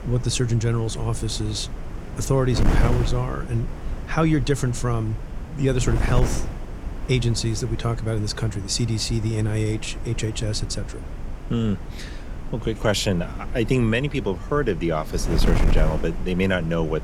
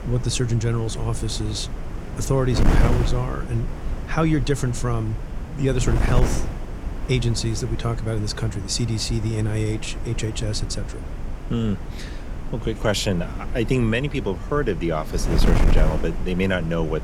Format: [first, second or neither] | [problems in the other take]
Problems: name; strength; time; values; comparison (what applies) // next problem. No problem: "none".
first | wind noise on the microphone; heavy; 8 dB below the speech; occasional gusts in the first